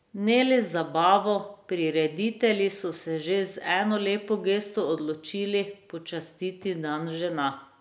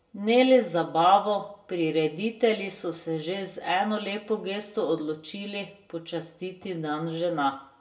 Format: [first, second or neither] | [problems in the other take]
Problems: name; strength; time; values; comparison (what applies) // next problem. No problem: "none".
first | room echo; dies away in 0.1 s